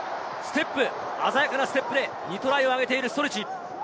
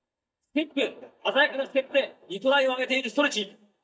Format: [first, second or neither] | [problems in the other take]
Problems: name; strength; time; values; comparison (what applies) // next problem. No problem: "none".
first | noise reduction (neural mask model DeepFilterNet 3)